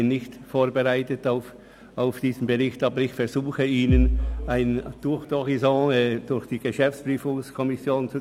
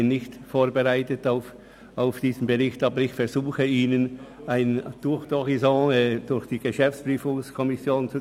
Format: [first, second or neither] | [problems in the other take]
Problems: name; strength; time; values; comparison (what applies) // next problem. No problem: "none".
second | background sound (Bass drum); 1 dB below the speech